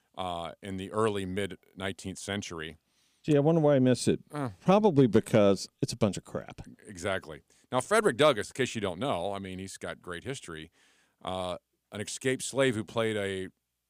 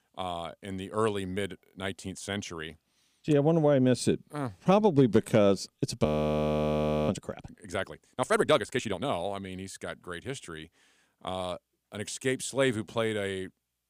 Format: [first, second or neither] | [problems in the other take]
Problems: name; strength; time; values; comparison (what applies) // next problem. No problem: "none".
first | audio freezing; at 6 s for 1 s